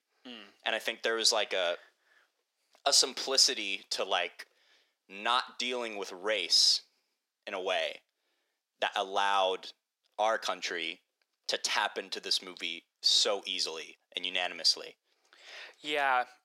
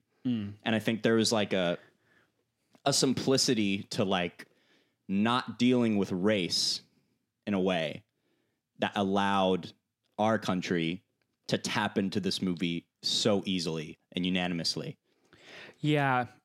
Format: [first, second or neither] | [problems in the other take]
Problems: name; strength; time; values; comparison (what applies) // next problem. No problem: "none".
second | thin; very; fading below 550 Hz